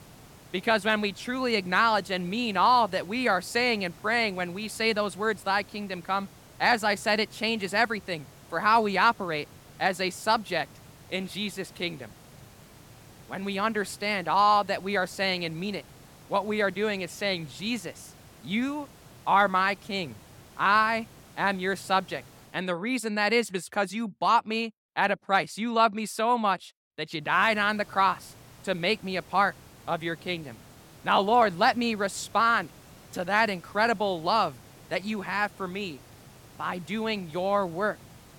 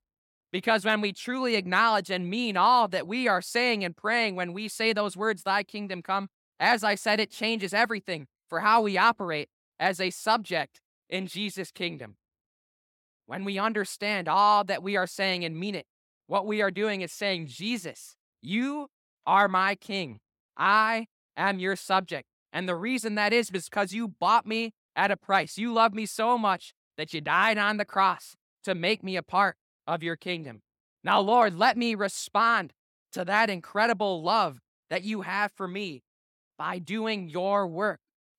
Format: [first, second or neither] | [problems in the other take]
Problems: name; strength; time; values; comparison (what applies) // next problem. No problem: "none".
second | hiss; faint; until 23 s and from 27 s on; 25 dB below the speech